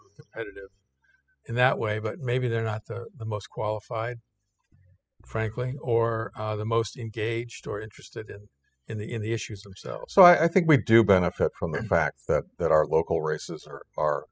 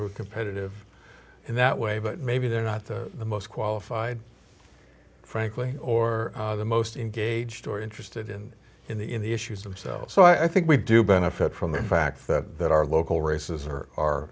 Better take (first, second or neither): second